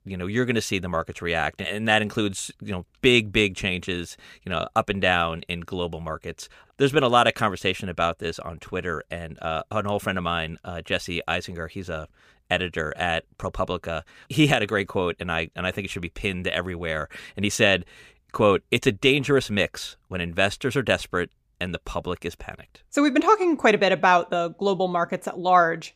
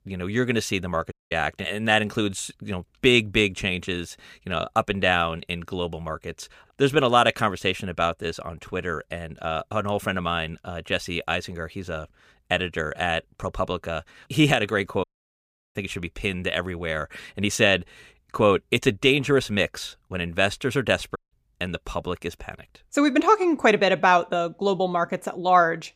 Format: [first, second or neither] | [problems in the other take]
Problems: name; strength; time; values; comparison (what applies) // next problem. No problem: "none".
first | audio cutting out; at 1 s, at 15 s for 0.5 s and at 21 s